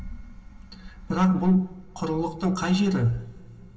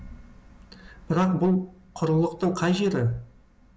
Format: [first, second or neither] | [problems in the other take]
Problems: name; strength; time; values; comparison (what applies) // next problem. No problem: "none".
second | room echo; dies away in 1.7 s